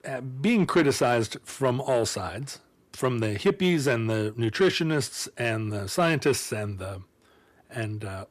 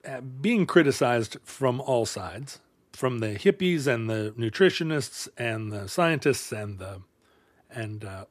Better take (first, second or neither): second